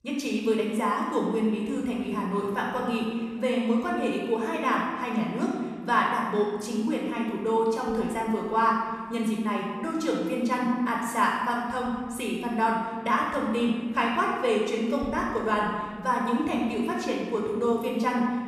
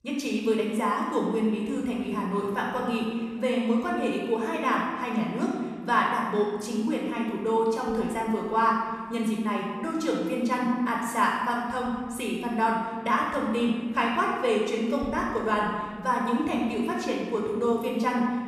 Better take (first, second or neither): neither